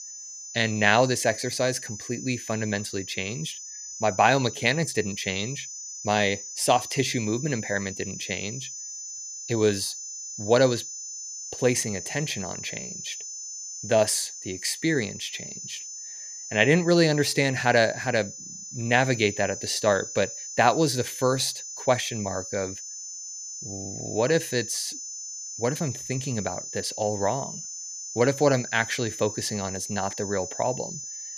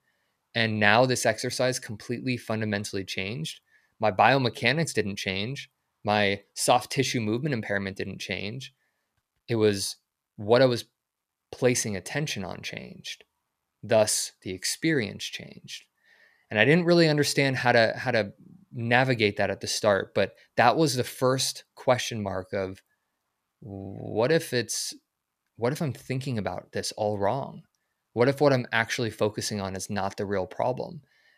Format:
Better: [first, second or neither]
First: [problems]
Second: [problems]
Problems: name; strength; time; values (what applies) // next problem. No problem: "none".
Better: second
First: high-pitched whine; loud; throughout; 6 kHz, 9 dB below the speech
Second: none